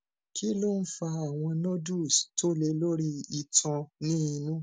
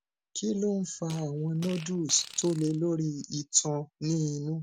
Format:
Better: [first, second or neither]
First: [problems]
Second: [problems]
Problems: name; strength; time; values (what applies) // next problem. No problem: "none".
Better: first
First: none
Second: background sound (Fart); 19 dB below the speech